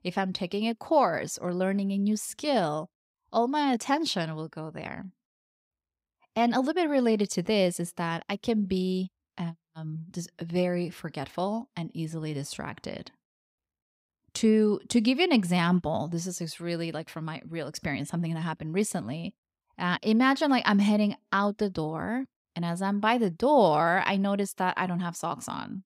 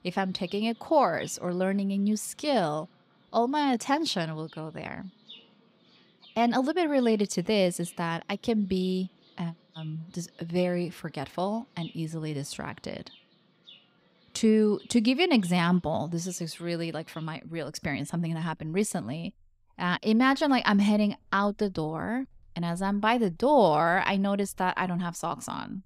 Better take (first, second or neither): first